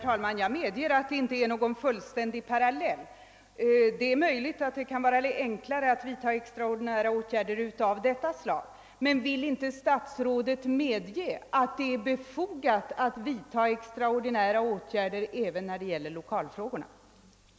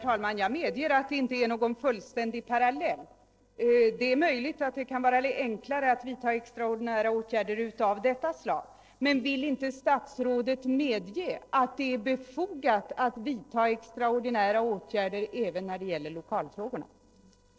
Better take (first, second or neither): first